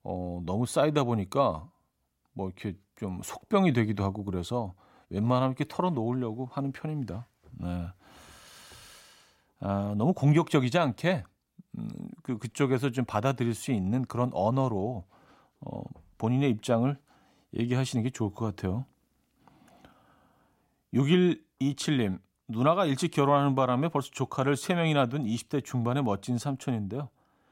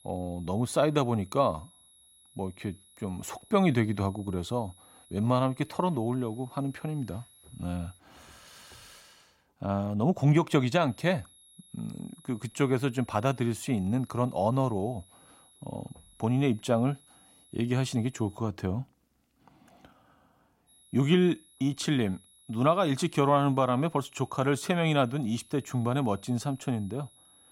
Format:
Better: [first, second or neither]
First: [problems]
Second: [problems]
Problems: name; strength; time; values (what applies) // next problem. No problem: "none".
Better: first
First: none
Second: high-pitched whine; faint; until 8 s, from 11 to 18 s and from 21 s on; 11 kHz, 25 dB below the speech